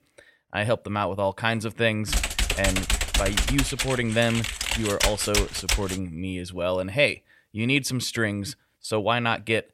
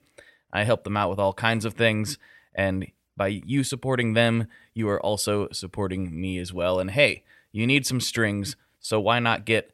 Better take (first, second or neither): second